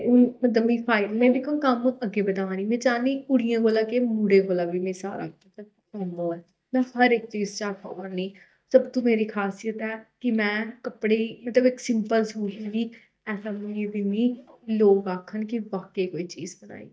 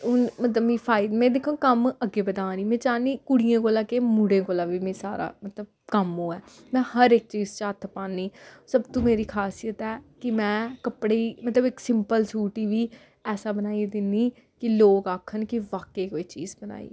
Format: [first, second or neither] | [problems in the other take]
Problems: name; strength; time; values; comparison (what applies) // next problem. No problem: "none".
second | noise reduction (neural mask model DeepFilterNet 3)